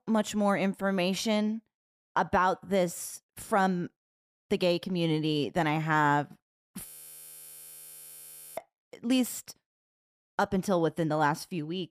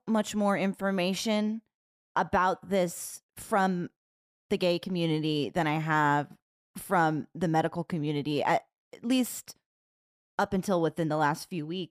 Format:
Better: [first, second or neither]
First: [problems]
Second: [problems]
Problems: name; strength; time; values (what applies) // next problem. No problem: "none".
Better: second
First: audio freezing; at 7 s for 1.5 s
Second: none